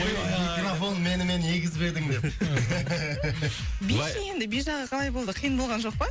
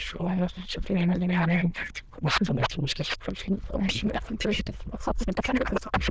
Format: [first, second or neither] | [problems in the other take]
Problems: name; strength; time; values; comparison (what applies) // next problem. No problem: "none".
first | noise reduction (neural diffusion model UNIVERSE++)